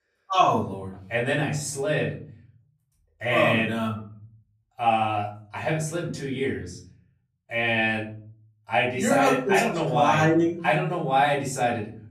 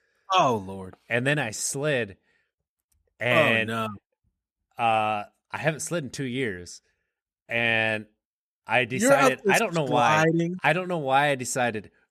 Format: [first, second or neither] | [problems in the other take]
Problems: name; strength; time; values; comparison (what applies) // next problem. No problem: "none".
second | room echo; slight; dies away in 0.6 s // off-mic speech; far